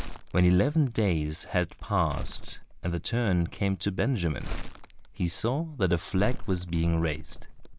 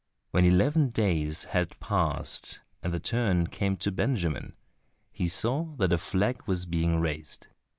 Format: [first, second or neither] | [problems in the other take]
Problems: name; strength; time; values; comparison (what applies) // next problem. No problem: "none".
second | background sound (Crumpling, crinkling); 8 dB below the speech